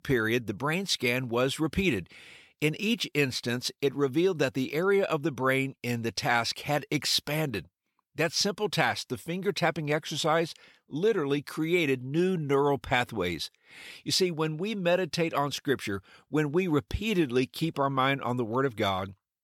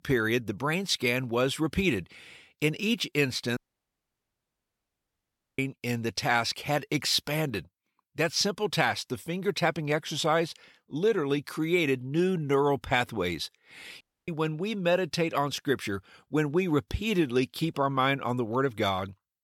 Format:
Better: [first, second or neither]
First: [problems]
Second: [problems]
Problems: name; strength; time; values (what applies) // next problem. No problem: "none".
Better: first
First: none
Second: audio cutting out; at 3.5 s for 2 s and at 14 s